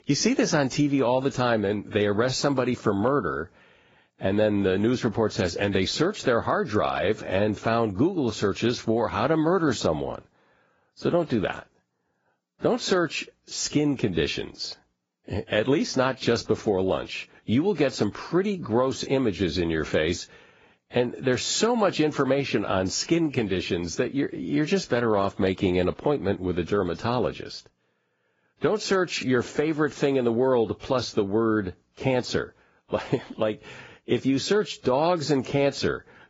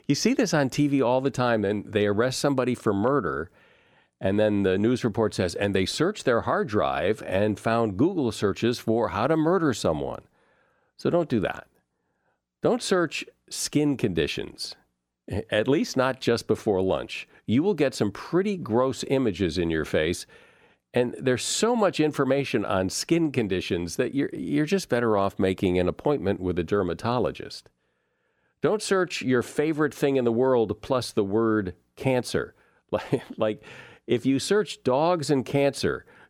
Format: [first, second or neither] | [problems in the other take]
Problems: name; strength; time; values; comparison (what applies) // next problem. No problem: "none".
second | garbled, watery; badly; nothing above 7.5 kHz